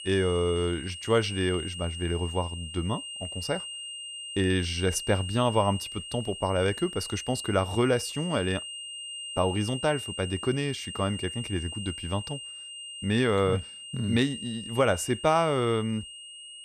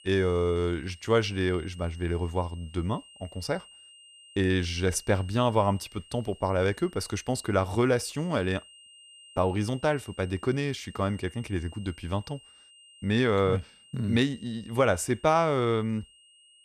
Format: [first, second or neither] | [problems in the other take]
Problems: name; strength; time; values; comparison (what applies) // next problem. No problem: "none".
second | high-pitched whine; loud; throughout; 3 kHz, 9 dB below the speech; faint in the second